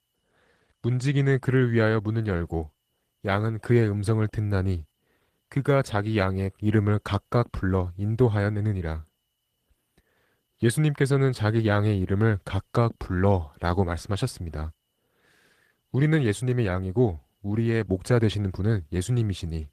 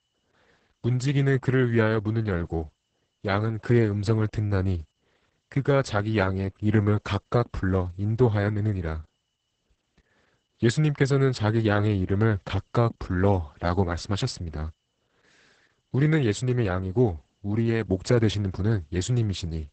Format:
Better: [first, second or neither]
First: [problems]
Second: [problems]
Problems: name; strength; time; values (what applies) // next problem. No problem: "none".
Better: first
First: garbled, watery; slightly; nothing above 14.5 kHz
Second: garbled, watery; badly; nothing above 8 kHz